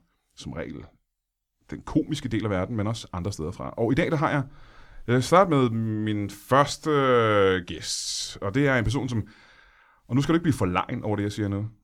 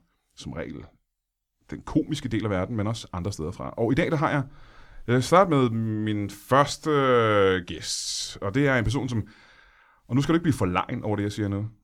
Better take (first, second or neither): neither